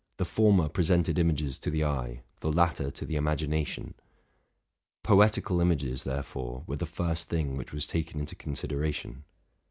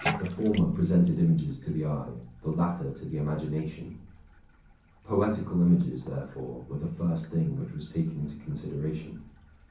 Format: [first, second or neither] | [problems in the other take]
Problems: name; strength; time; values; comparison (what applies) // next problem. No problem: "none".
first | background sound (Bathtub (filling or washing)); 15 dB below the speech // room echo; dies away in 0.6 s